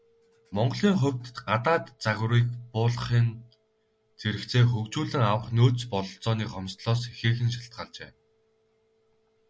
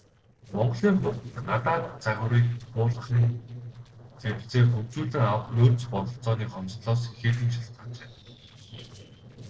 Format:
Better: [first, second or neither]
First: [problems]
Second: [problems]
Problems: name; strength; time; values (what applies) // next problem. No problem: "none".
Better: first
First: none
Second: noise reduction (neural separator model SepFormer DNS4)